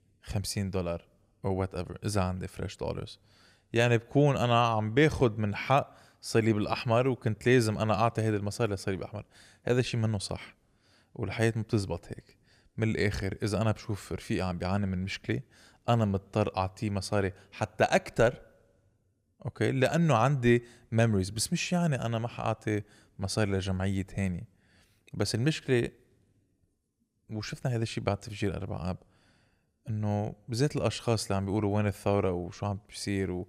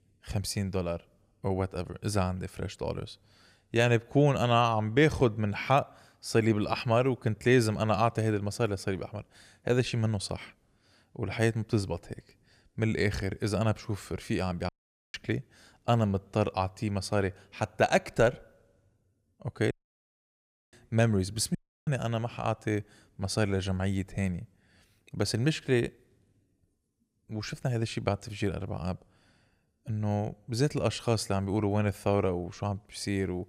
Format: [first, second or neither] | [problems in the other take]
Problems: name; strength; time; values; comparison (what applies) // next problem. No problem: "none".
first | audio cutting out; at 15 s, at 20 s for 1 s and at 22 s